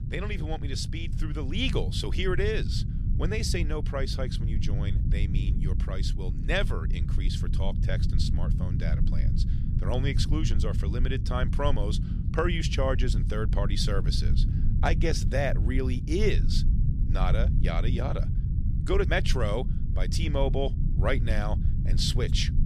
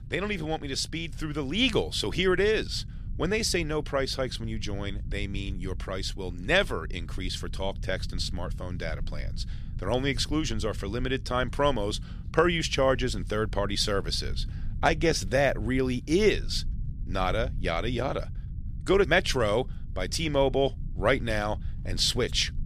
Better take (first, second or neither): second